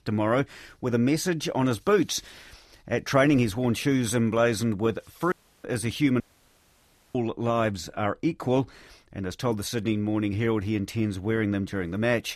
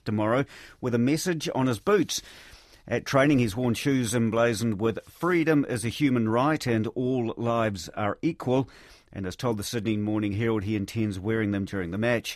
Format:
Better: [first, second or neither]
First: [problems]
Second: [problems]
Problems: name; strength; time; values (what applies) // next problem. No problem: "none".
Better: second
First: audio cutting out; at 5.5 s and at 6 s for 1 s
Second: none